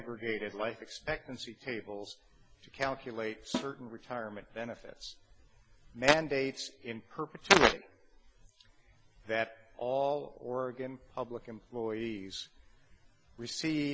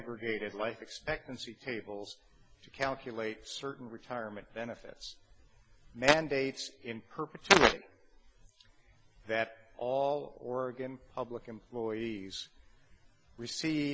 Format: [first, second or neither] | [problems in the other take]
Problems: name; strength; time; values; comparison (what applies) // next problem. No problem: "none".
second | background sound (Snare drum); 8 dB below the speech